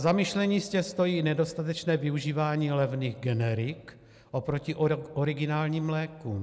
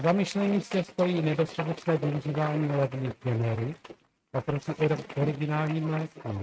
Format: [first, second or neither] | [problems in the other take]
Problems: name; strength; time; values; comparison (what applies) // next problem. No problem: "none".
first | noise reduction (neural mask model RNNoise)